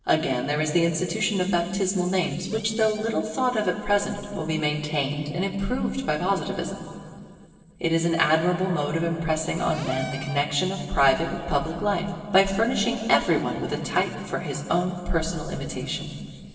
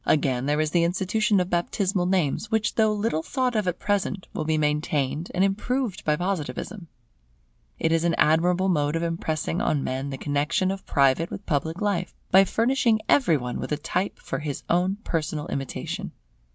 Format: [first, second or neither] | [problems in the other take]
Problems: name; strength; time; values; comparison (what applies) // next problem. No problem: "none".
second | noise reduction (neural separator model SepFormer DNS4)